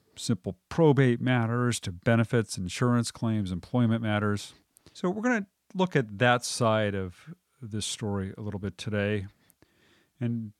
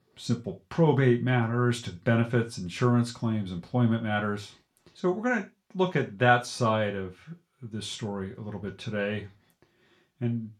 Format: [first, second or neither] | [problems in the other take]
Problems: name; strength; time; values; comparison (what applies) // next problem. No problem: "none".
first | room echo; very slight; dies away in 0.3 s // off-mic speech; somewhat distant